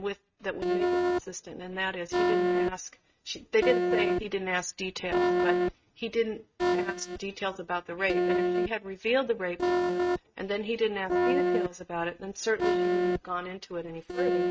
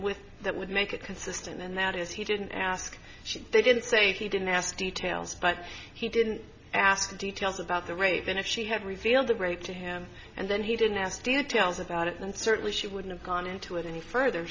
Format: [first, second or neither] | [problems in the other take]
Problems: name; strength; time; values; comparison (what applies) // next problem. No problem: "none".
second | noise reduction (neural mask model RNNoise)